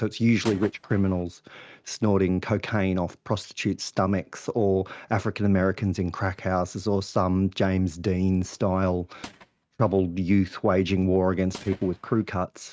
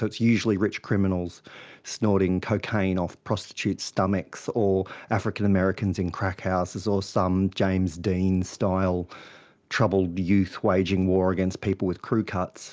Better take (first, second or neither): second